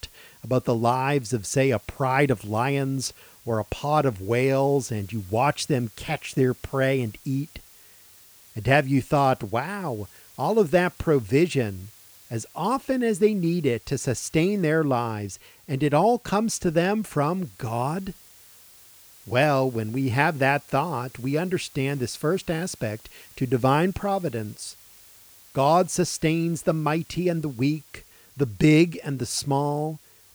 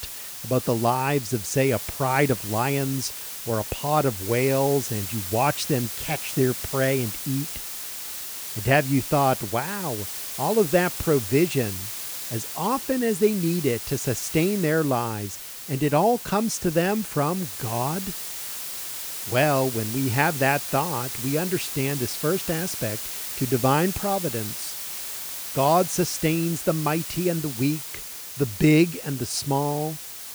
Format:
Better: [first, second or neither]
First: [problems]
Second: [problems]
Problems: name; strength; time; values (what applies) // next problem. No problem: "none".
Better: first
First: hiss; faint; throughout; 25 dB below the speech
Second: hiss; loud; throughout; 6 dB below the speech